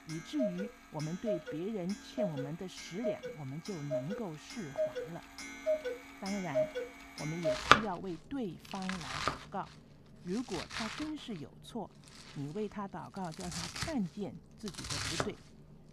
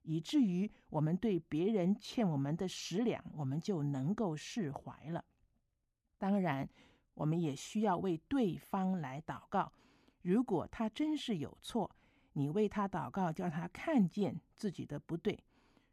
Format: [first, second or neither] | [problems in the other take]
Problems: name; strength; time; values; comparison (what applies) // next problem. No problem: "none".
second | household noises; very loud; throughout; 5 dB above the speech